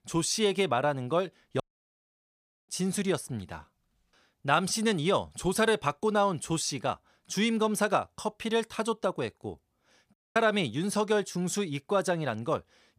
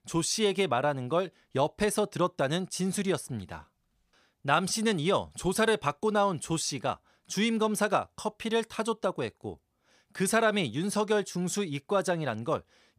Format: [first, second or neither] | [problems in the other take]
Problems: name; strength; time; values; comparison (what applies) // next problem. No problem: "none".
second | audio cutting out; at 1.5 s for 1 s and at 10 s